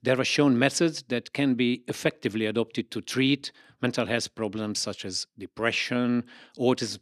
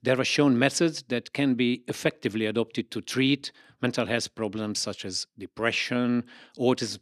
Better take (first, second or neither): neither